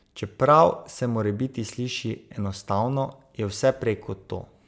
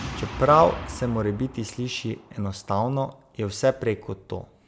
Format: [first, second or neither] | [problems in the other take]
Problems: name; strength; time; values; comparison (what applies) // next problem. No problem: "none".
first | background sound (Boom); 14 dB below the speech